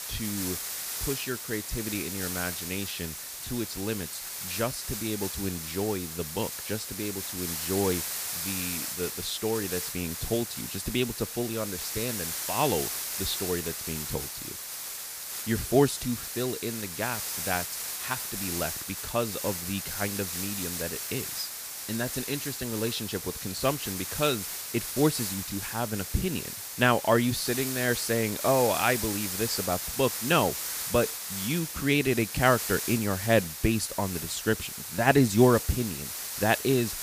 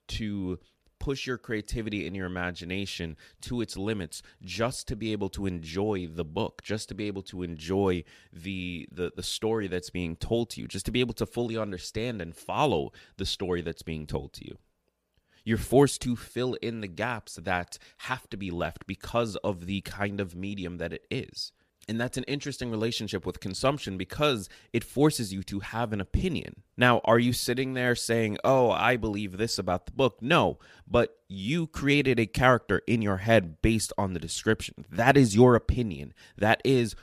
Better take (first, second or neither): second